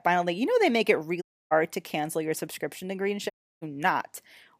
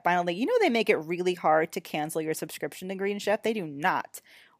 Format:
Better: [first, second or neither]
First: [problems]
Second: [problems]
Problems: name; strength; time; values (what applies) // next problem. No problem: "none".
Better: second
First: audio cutting out; at 1 s and at 3.5 s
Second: none